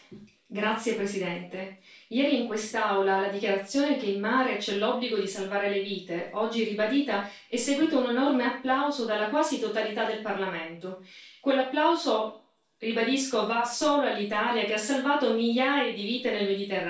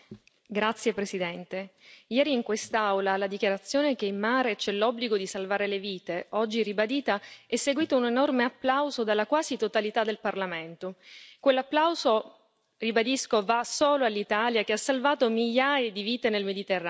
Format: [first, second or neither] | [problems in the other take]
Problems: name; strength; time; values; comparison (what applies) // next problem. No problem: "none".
second | room echo; dies away in 0.3 s